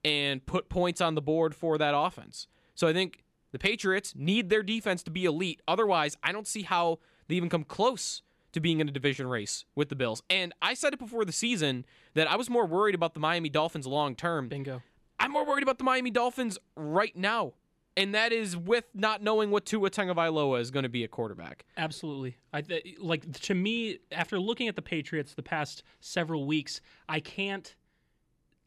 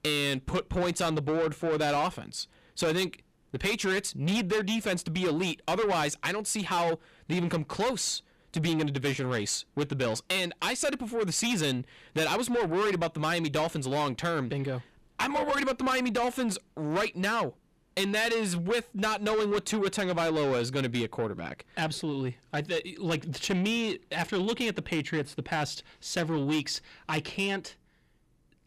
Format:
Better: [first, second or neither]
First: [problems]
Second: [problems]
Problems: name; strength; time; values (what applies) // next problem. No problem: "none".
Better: first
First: none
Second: distortion; heavy; 7 dB below the speech